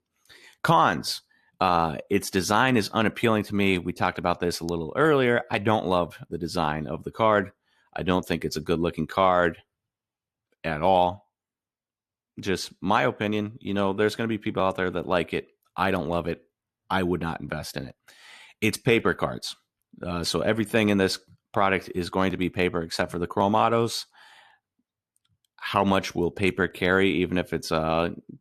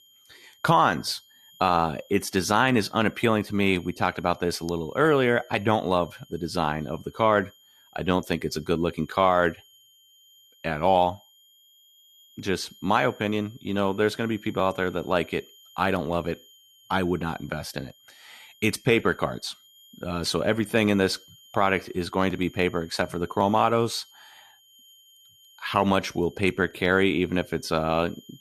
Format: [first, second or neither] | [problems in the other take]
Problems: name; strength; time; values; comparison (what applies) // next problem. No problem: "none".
first | high-pitched whine; faint; throughout; 3 kHz, 30 dB below the speech